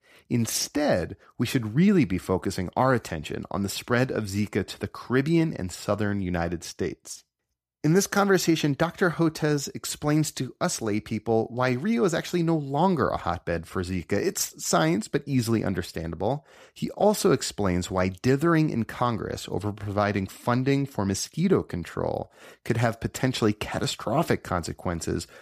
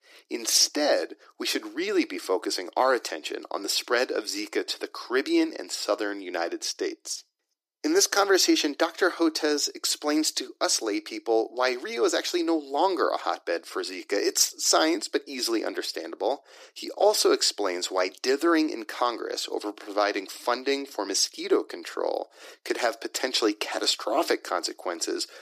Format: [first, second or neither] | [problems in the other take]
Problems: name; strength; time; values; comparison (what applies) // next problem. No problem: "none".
first | thin; very; fading below 300 Hz